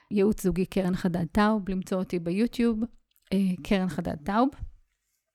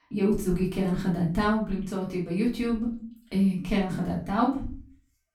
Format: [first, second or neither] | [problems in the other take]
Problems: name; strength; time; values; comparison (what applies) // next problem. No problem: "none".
first | off-mic speech; far // room echo; slight; dies away in 0.3 s